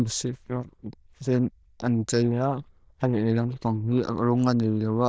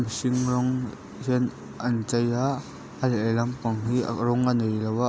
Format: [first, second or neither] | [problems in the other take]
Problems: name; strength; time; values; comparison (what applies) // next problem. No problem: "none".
second | noise reduction (neural diffusion model UNIVERSE++)